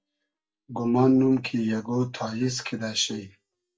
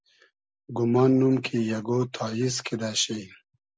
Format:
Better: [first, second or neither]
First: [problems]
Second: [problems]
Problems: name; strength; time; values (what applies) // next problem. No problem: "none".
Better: second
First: noise reduction (neural mask model DeepFilterNet 3)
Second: none